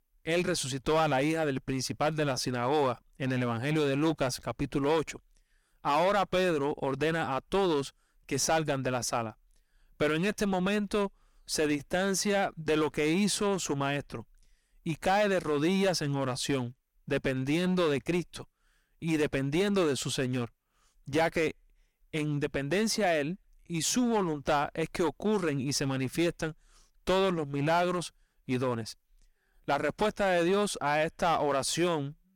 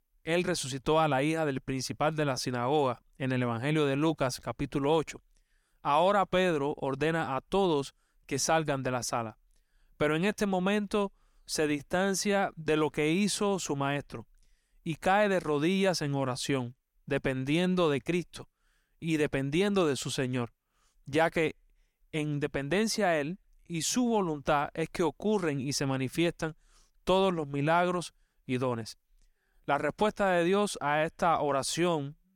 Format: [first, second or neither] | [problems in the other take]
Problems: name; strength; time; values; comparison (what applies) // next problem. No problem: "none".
second | distortion; slight; 7% of the sound clipped